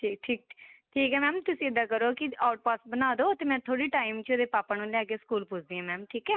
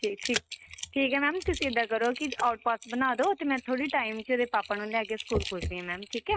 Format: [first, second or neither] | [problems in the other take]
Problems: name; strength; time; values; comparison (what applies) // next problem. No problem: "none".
first | noise reduction (neural mask model RNNoise)